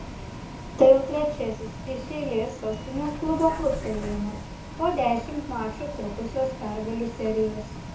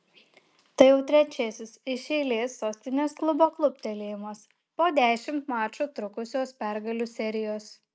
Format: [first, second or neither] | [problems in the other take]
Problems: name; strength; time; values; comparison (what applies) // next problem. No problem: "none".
second | background sound (Bus); 10 dB below the speech // room echo; dies away in 0.6 s